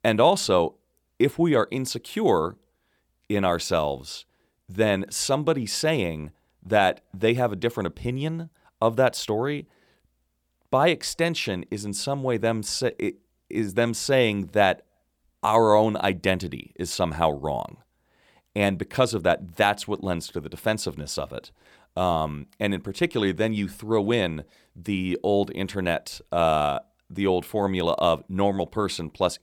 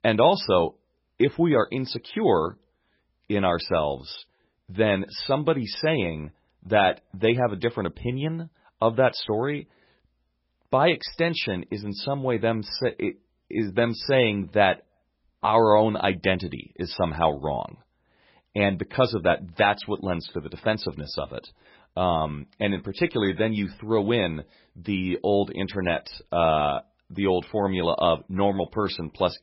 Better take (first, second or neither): first